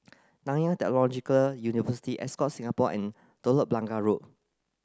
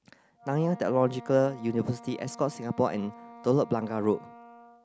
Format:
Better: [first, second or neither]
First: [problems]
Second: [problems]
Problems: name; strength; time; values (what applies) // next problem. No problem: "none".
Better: first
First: none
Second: background sound (Wind instrument, woodwind instrument); 19 dB below the speech